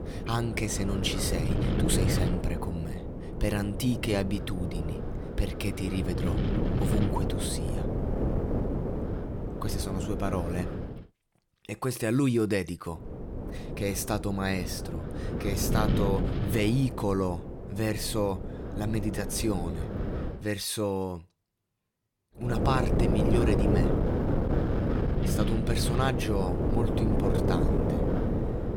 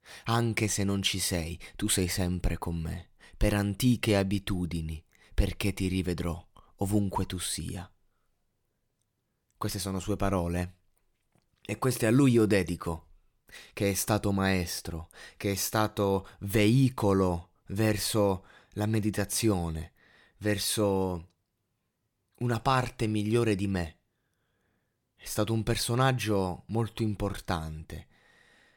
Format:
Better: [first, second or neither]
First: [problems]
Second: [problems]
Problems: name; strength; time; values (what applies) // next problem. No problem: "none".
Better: second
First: wind noise on the microphone; heavy; until 11 s, from 13 to 20 s and from 23 s on; 2 dB below the speech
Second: none